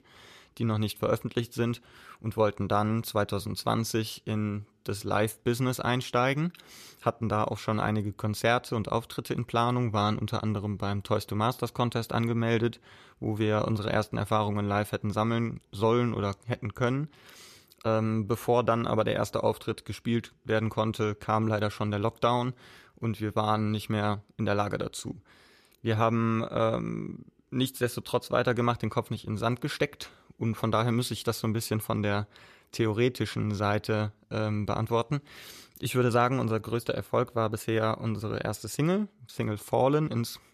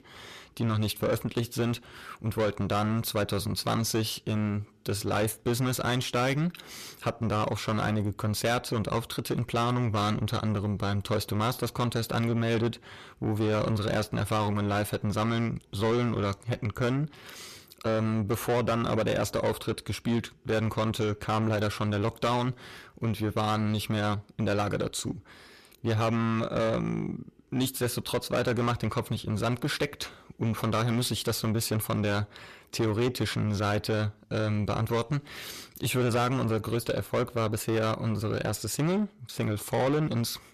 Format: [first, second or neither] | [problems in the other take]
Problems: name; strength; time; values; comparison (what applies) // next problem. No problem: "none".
first | distortion; heavy; 7 dB below the speech